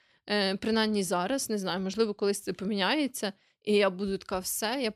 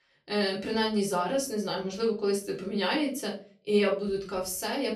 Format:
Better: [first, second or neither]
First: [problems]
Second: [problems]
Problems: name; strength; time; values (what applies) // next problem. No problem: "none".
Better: first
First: none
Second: off-mic speech; far // room echo; slight; dies away in 0.3 s